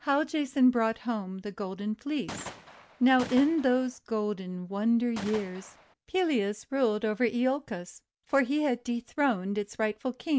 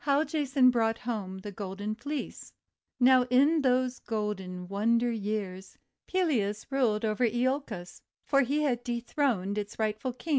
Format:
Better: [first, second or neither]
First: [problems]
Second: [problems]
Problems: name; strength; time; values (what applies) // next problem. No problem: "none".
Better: second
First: background sound (Gunshot, gunfire); 14 dB below the speech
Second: none